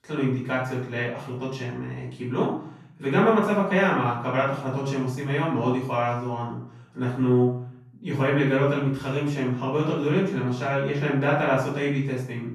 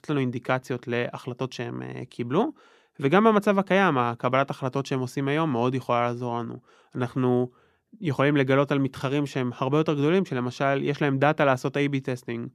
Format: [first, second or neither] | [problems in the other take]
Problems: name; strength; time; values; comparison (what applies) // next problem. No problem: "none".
second | off-mic speech; far // room echo; noticeable; dies away in 0.5 s